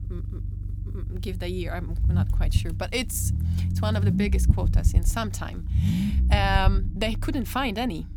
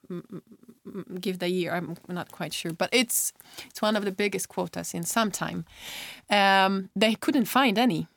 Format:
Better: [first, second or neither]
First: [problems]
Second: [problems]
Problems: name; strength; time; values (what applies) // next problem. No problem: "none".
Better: second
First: low rumble; noticeable; throughout; 10 dB below the speech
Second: none